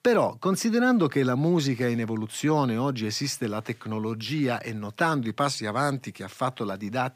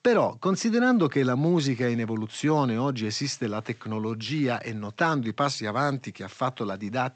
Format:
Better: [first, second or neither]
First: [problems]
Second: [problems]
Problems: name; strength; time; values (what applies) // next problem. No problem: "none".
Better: first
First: none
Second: garbled, watery; slightly; nothing above 8 kHz